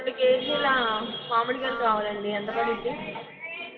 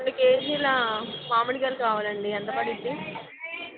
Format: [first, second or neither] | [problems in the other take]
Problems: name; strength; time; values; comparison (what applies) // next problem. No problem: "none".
second | background sound (Wind instrument, woodwind instrument); 12 dB below the speech // room echo; dies away in 1.8 s